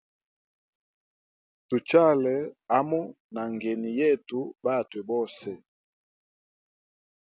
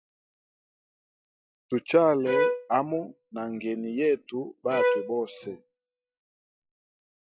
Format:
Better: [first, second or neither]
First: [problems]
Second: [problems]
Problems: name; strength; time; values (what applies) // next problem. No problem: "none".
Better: first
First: none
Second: noise reduction (classical method log-MMSE)